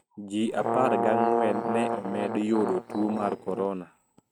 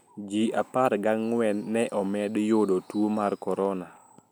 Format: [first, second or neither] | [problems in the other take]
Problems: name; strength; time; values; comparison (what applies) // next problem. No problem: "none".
second | noise reduction (neural mask model RNNoise)